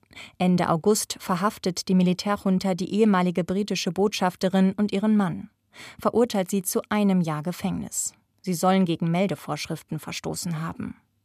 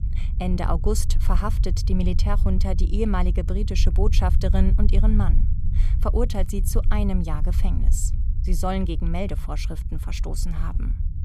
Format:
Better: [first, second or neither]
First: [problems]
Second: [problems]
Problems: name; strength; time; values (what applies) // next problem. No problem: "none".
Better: first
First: none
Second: low rumble; noticeable; throughout; 10 dB below the speech